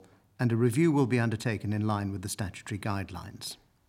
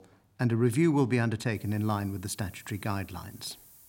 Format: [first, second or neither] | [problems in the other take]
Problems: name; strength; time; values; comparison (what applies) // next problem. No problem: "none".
first | hiss; faint; from 1.5 s on; 25 dB below the speech